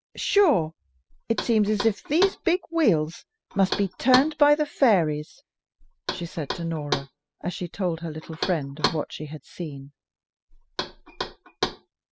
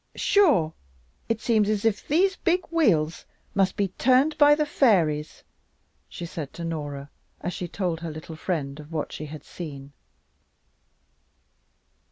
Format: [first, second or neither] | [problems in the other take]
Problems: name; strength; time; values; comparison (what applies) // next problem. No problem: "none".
second | noise reduction (classical method spectral subtraction)